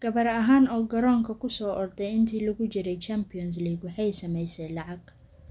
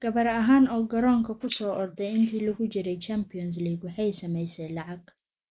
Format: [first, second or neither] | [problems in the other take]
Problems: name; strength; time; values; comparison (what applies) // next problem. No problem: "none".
first | noise reduction (neural mask model Resemble Enhance denoiser)